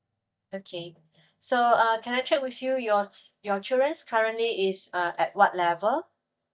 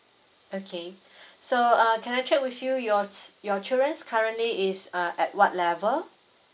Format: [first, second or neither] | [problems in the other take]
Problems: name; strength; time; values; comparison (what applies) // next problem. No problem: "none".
second | noise reduction (neural mask model DeepFilterNet 3)